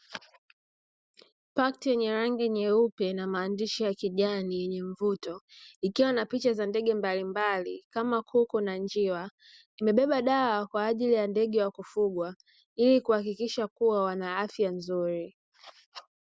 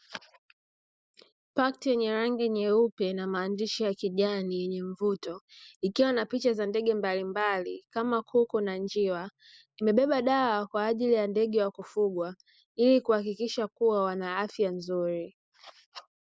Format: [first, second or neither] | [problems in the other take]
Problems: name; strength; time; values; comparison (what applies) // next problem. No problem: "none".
first | noise reduction (neural mask model Resemble Enhance denoiser)